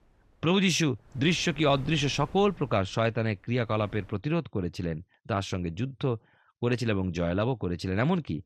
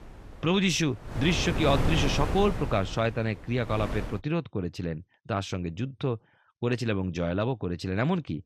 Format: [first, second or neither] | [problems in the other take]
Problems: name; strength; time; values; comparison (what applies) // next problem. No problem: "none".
first | wind noise on the microphone; heavy; until 4 s; 6 dB below the speech; occasional gusts in the first